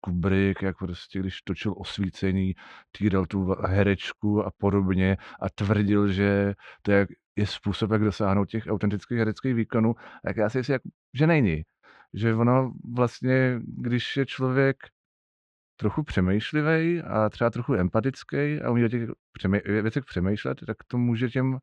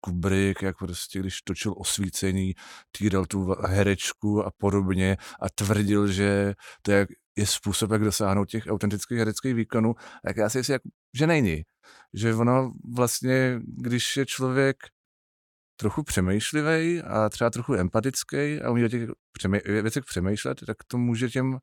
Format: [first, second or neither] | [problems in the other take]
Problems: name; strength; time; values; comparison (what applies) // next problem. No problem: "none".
second | muffled; slightly; fading above 3 kHz